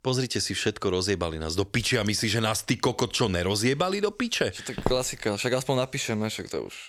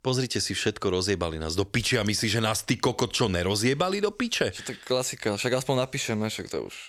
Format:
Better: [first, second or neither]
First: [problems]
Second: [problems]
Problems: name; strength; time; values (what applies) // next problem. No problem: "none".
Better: second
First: footsteps; noticeable; at 5 s; peak 6 dB below the speech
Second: none